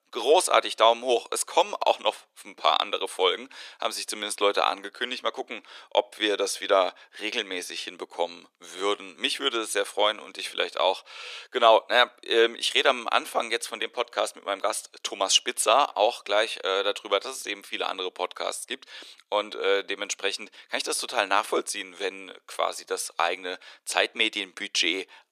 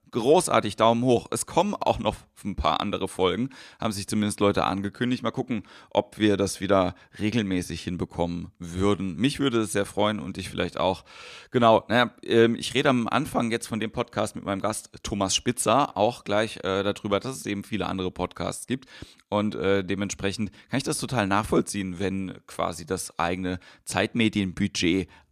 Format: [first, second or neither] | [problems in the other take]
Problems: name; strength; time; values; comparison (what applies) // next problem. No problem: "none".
second | thin; very; fading below 450 Hz